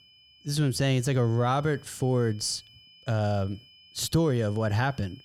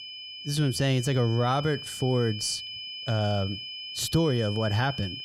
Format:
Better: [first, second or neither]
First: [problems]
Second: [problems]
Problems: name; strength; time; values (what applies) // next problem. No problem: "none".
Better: first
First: high-pitched whine; faint; throughout; 3 kHz, 25 dB below the speech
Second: high-pitched whine; loud; throughout; 3 kHz, 9 dB below the speech